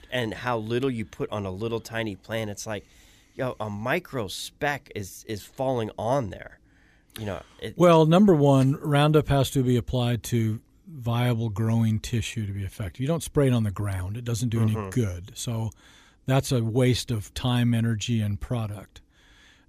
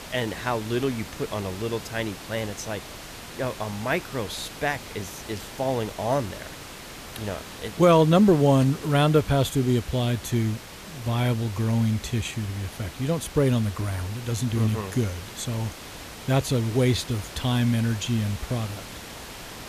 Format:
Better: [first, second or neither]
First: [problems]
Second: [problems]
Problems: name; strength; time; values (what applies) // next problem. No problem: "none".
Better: first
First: none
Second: hiss; noticeable; throughout; 15 dB below the speech